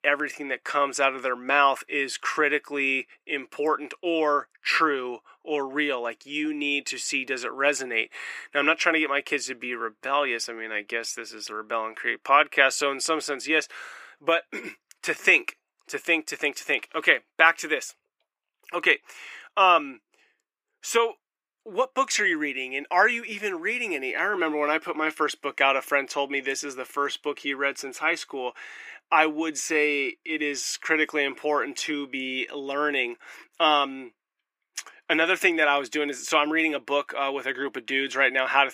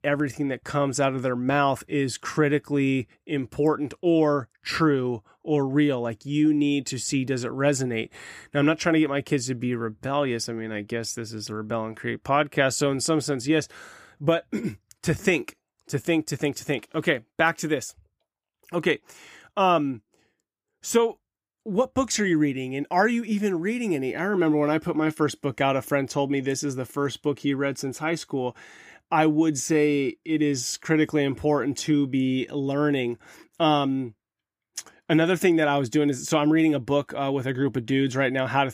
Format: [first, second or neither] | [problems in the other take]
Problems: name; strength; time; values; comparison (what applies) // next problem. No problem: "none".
second | thin; somewhat; fading below 400 Hz